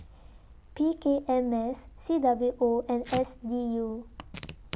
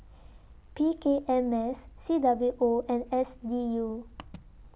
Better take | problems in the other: second | background sound (Packing tape, duct tape / Tearing); 18 dB below the speech

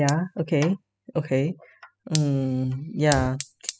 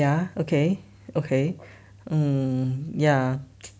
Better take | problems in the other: second | noise reduction (classical method spectral subtraction)

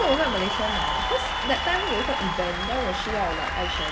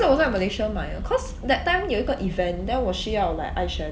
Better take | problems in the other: second | background sound (Applause / Cheering); as loud as the speech

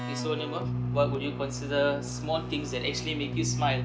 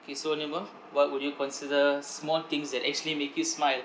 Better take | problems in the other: second | background sound (Keyboard (musical)); 2 dB below the speech

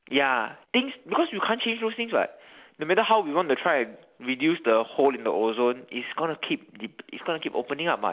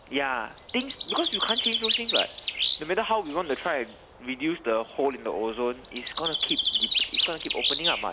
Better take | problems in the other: first | background sound (Bird); as loud as the speech

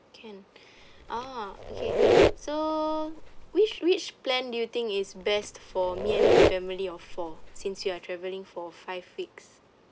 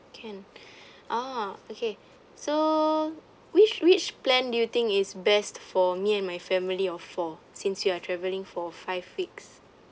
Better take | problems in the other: second | background sound (Squeak); 4 dB above the speech

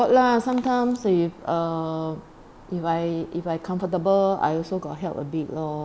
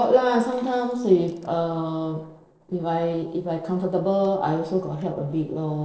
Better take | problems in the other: first | noise reduction (neural separator model SepFormer DNS4)

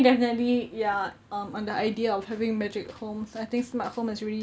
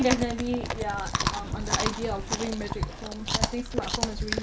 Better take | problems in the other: first | background sound (Chewing, mastication); 1 dB above the speech

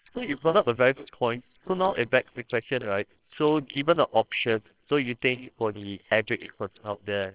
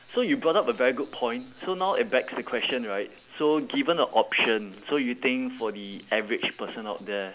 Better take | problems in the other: second | noise reduction (neural separator model SepFormer WHAMR!)

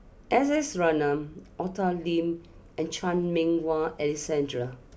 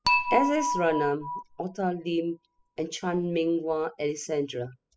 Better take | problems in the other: first | noise reduction (classical method spectral subtraction)

